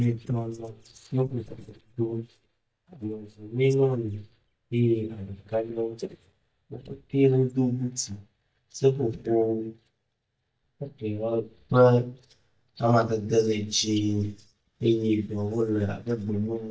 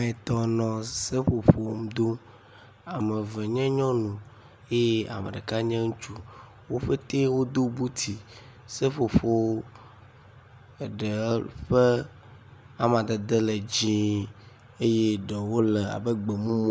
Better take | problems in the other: second | noise reduction (neural mask model DeepFilterNet 3)

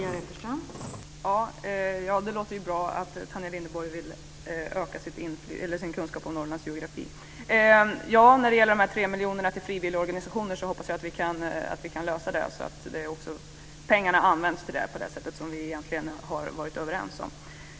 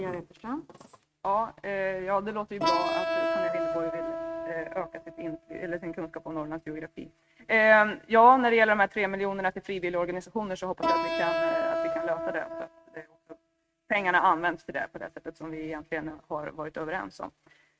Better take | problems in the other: first | noise reduction (neural mask model RNNoise)

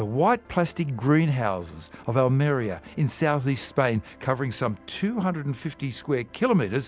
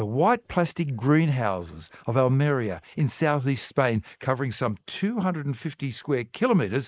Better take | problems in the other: first | noise reduction (neural mask model Resemble Enhance denoiser)

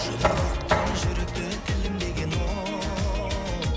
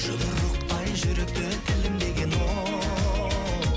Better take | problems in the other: second | background sound (Knock); 4 dB below the speech

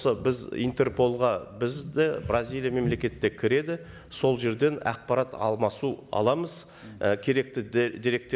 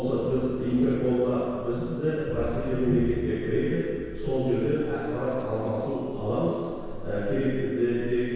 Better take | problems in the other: first | background sound (Livestock, farm animals, working animals); 11 dB below the speech // room echo; dies away in 2 s

